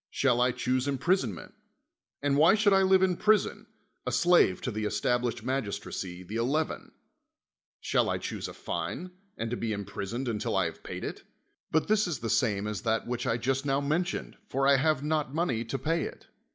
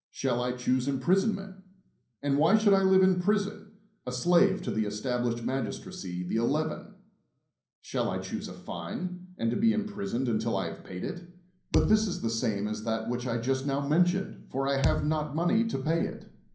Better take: first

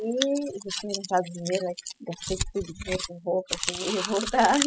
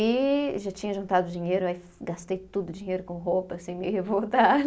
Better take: second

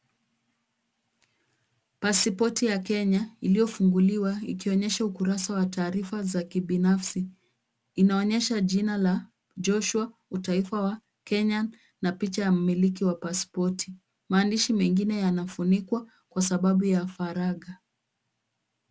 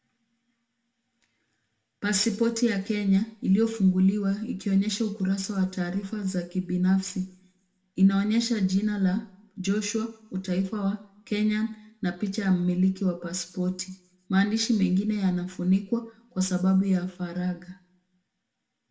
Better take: first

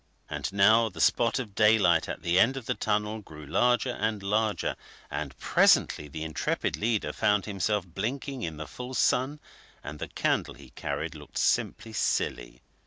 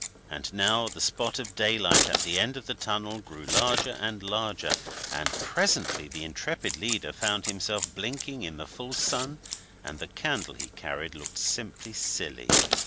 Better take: first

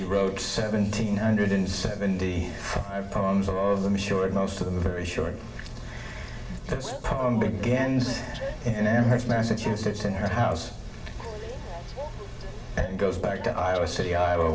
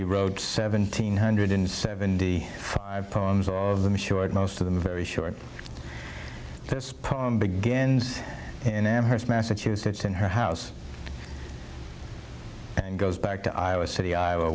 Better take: second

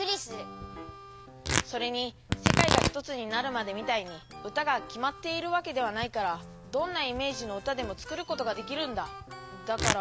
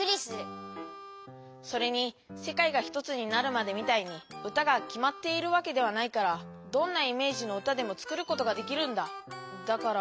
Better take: second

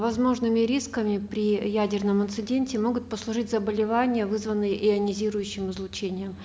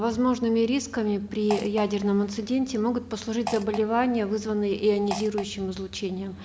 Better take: first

